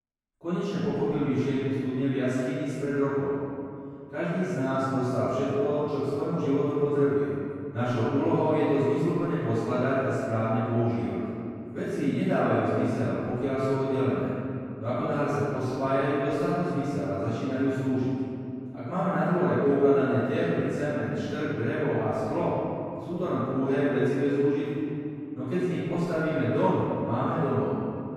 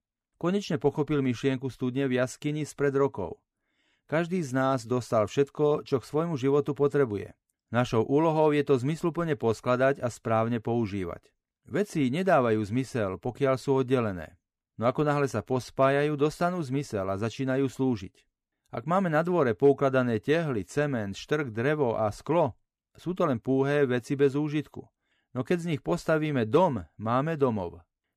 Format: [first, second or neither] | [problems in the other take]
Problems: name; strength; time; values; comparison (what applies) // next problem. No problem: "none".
second | off-mic speech; far // room echo; strong; dies away in 2.6 s